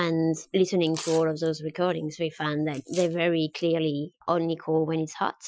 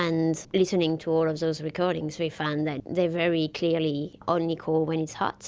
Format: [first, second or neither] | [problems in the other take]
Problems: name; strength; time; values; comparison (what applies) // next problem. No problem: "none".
second | noise reduction (classical method Wiener filter)